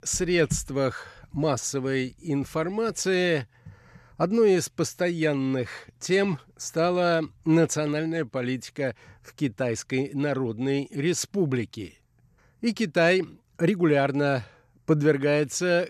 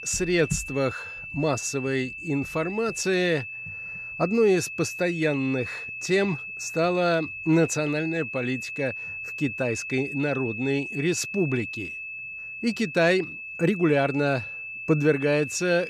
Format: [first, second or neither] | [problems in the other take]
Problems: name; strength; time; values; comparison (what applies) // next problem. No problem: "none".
first | high-pitched whine; loud; throughout; 2.5 kHz, 8 dB below the speech